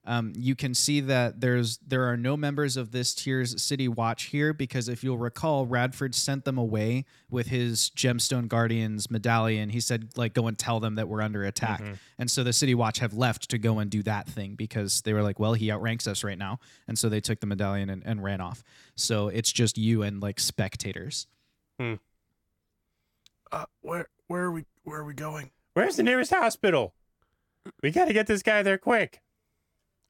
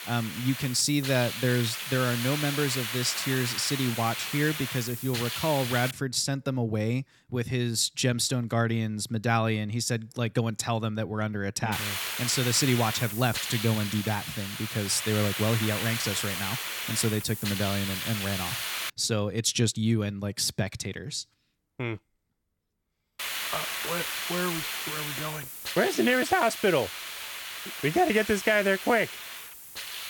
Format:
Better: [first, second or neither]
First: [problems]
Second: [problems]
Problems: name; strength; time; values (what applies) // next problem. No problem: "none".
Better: first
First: none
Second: hiss; loud; until 6 s, from 12 to 19 s and from 23 s on; 4 dB below the speech